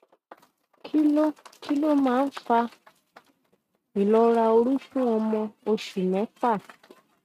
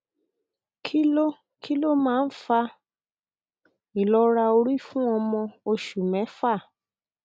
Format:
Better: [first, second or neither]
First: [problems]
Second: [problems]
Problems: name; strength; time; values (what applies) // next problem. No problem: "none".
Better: second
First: noise reduction (neural mask model RNNoise)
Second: none